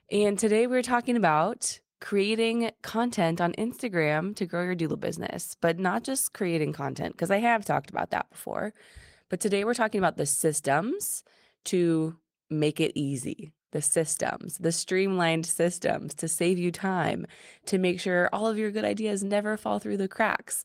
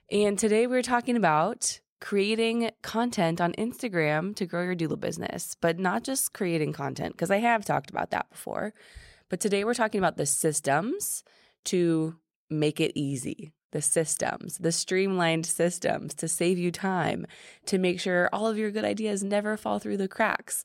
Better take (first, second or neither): second